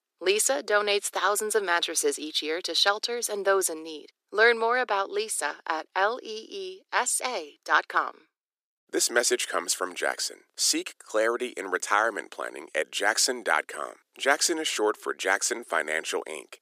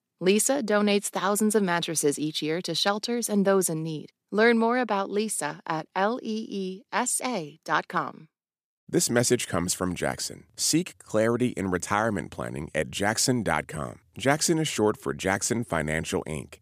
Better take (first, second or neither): second